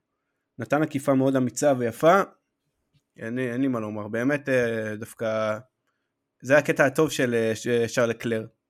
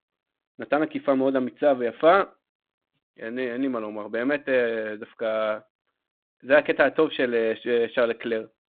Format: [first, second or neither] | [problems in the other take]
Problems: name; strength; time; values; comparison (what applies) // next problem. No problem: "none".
first | phone-call audio; nothing above 3.5 kHz